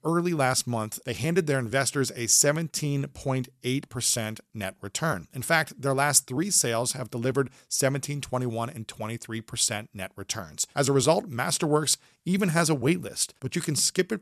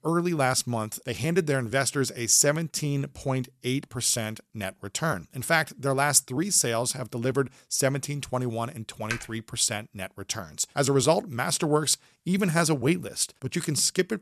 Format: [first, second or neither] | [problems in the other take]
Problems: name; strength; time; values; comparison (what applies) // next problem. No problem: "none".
first | keyboard typing; noticeable; at 9 s; peak 9 dB below the speech